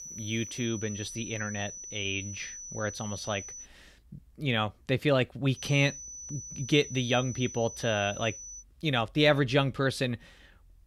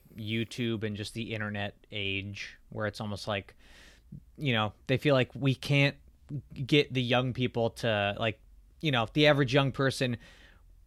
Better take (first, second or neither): second